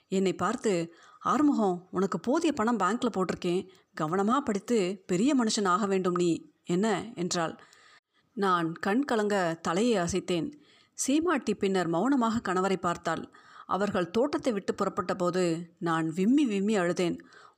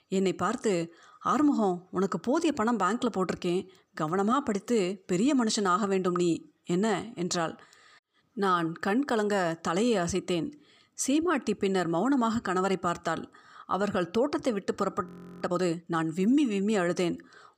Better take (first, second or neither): first